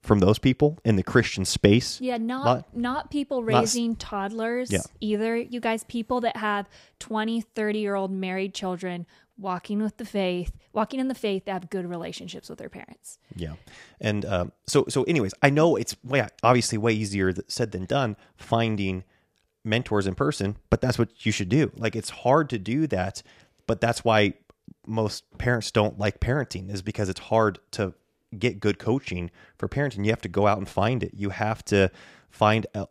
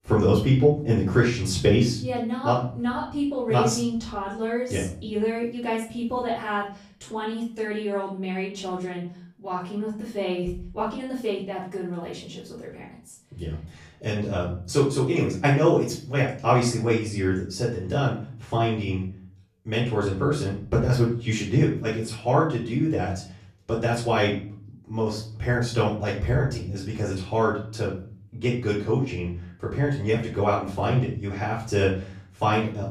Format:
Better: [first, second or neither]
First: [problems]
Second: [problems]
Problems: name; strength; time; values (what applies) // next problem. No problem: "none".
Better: first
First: none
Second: off-mic speech; far // room echo; noticeable; dies away in 0.4 s